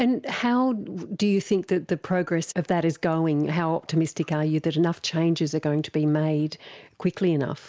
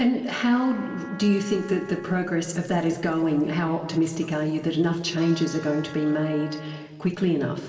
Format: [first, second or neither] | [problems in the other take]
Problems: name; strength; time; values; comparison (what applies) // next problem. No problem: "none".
first | background sound (Wind instrument, woodwind instrument); 19 dB below the speech // room echo; dies away in 2.2 s